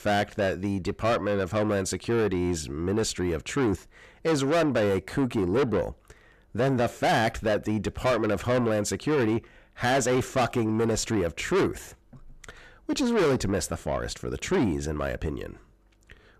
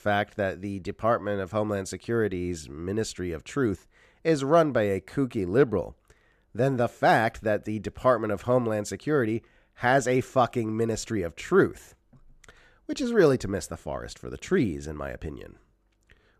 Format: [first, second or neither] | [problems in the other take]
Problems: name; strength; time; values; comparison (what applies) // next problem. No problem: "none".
second | distortion; heavy; 6 dB below the speech